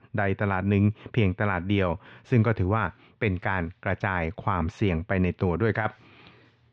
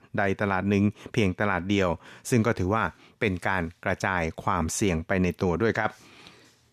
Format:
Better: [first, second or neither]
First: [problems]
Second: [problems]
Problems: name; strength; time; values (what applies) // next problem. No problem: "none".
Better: second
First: muffled; very; fading above 3.5 kHz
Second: none